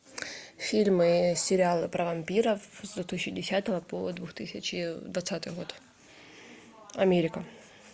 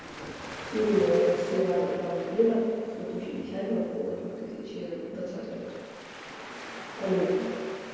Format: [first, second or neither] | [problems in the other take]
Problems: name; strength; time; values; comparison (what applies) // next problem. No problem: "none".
first | background sound (Waves, surf); 14 dB below the speech // room echo; dies away in 2.2 s